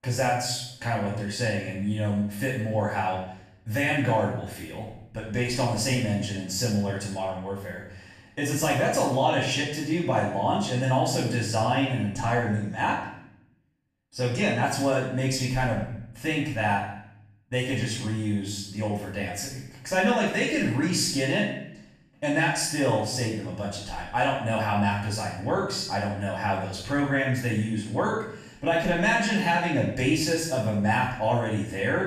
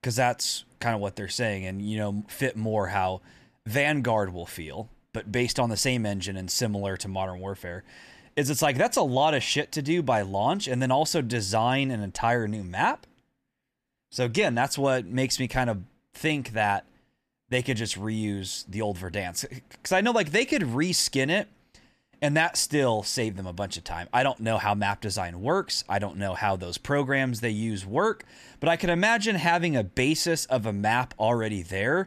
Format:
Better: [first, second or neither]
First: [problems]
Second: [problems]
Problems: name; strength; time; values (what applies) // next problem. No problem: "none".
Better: second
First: off-mic speech; far // room echo; noticeable; dies away in 0.7 s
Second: none